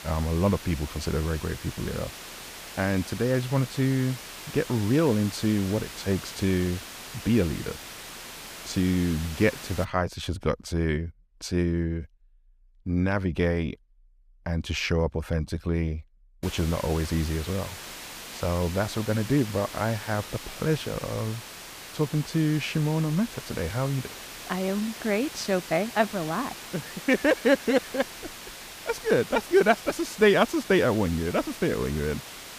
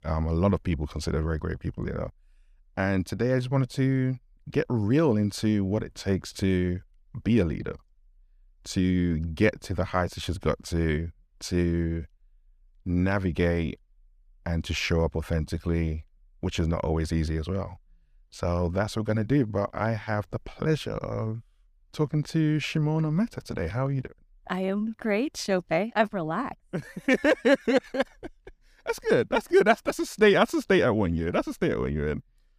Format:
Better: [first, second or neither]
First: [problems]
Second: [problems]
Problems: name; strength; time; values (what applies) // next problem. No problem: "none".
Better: second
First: hiss; noticeable; until 10 s and from 16 s on; 10 dB below the speech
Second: none